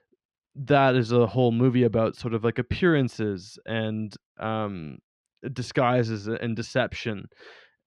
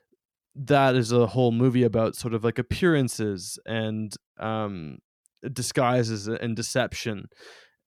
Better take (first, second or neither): second